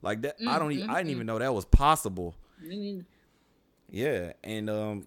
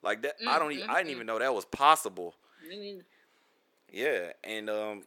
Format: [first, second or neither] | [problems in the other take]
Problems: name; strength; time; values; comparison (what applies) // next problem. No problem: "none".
first | thin; somewhat; fading below 450 Hz